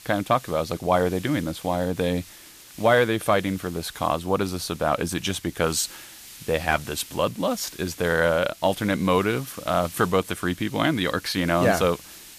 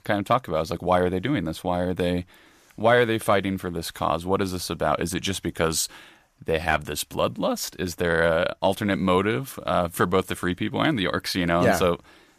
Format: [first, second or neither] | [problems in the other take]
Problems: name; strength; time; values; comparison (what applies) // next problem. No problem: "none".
second | hiss; noticeable; throughout; 20 dB below the speech